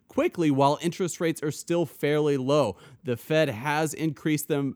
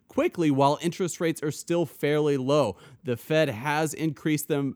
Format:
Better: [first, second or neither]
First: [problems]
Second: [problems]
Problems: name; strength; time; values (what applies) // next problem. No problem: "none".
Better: neither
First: none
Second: none